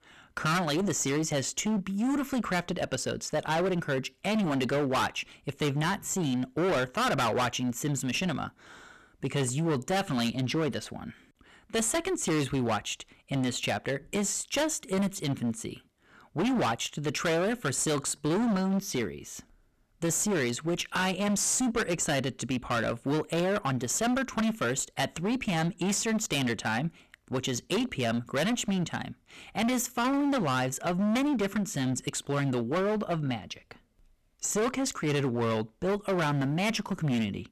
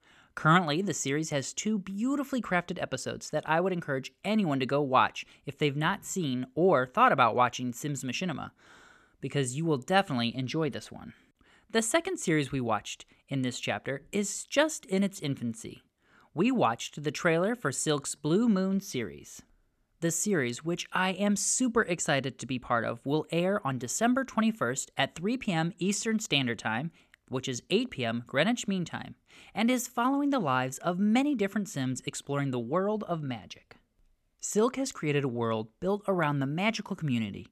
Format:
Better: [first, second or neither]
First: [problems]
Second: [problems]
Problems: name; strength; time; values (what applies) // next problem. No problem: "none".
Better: second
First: distortion; heavy; 20% of the sound clipped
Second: none